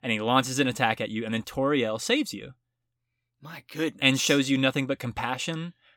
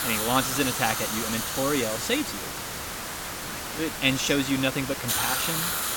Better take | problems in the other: first | hiss; loud; throughout; 1 dB below the speech

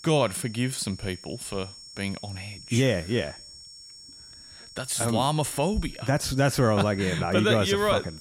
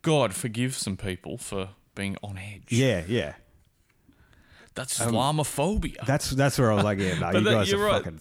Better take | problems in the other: second | high-pitched whine; noticeable; throughout; 5.5 kHz, 20 dB below the speech

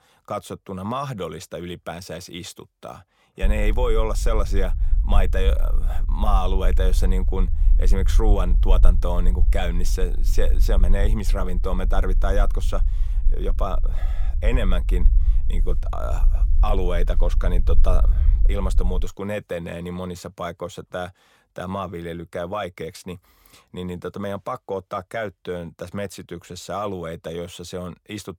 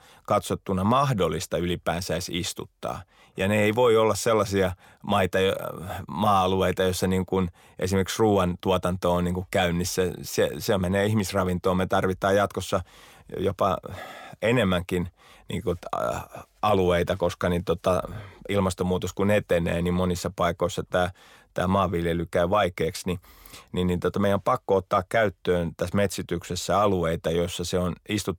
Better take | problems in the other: second | low rumble; noticeable; from 3.5 to 19 s; 15 dB below the speech

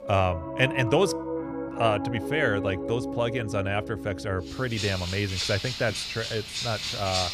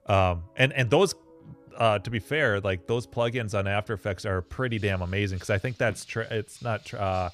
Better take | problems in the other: second | background music; loud; throughout; 4 dB below the speech; faint in the second

